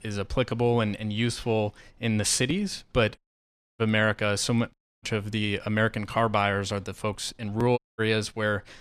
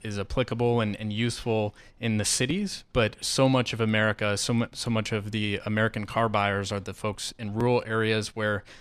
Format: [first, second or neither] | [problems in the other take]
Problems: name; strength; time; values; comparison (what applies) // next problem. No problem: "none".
second | audio cutting out; at 3 s for 0.5 s, at 4.5 s and at 8 s